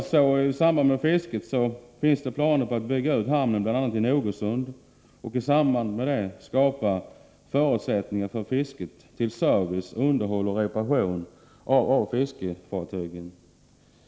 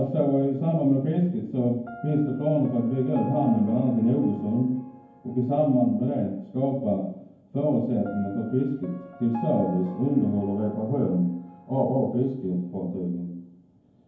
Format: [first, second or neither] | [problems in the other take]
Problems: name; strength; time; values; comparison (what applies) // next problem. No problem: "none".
first | background sound (Piano); 19 dB below the speech // room echo; dies away in 0.9 s